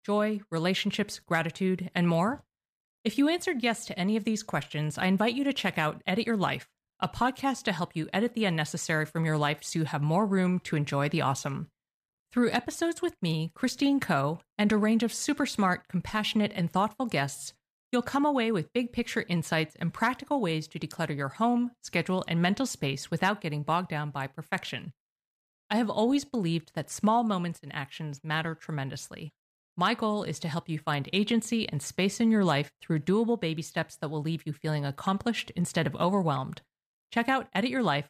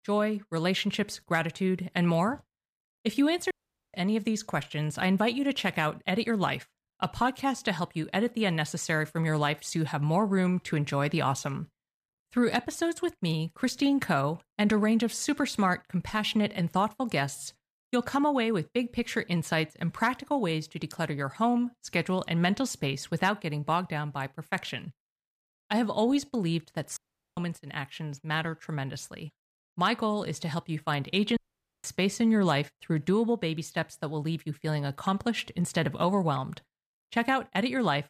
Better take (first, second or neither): first